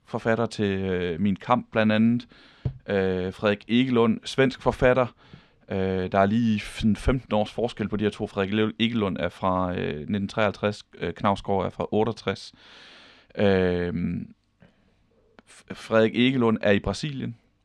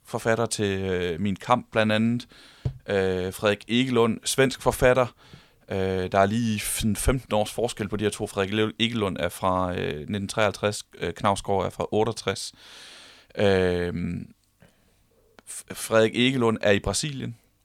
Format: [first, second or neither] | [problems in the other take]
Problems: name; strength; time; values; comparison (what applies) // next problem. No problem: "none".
second | muffled; very slightly; fading above 3.5 kHz